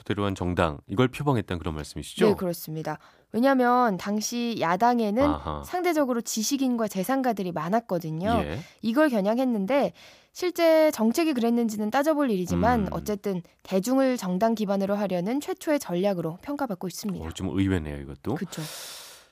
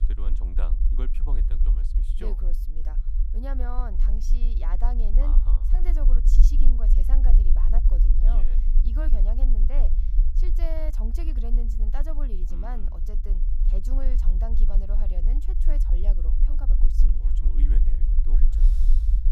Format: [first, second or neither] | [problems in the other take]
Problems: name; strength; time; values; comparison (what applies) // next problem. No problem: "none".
first | low rumble; loud; throughout; 6 dB below the speech